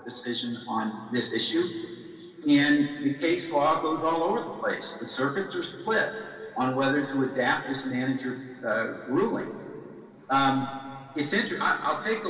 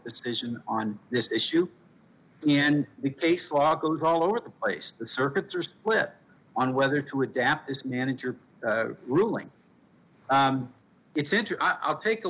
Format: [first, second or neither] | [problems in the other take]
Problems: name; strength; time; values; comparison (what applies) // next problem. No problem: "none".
second | room echo; dies away in 2.4 s